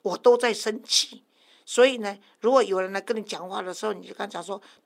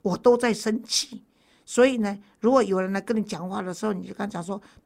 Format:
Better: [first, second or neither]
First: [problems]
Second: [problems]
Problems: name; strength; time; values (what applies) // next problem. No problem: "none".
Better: second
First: thin; somewhat; fading below 400 Hz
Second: none